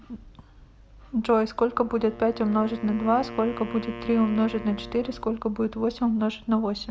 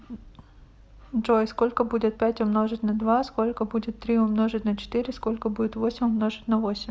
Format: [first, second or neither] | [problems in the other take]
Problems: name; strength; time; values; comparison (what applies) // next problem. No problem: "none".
second | background sound (Wind instrument, woodwind instrument); 15 dB below the speech